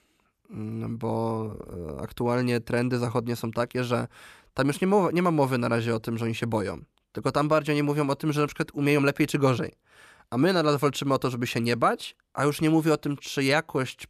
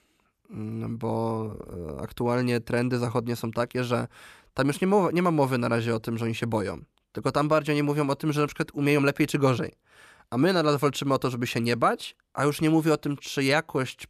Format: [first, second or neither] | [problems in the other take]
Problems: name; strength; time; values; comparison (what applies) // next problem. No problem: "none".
neither | none